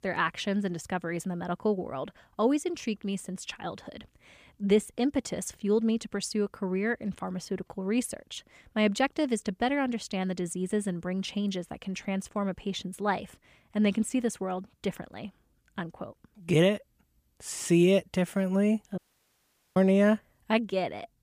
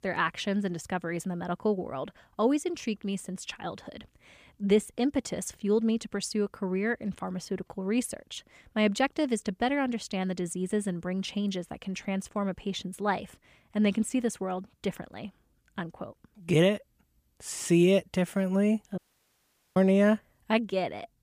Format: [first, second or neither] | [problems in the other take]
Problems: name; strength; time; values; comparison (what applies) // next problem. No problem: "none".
neither | audio cutting out; at 19 s for 1 s; the same in both